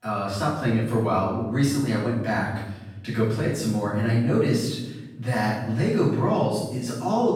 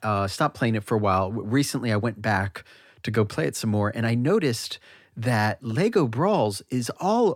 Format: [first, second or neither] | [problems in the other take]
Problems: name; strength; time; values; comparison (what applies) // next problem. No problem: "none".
second | room echo; strong; dies away in 0.9 s // off-mic speech; far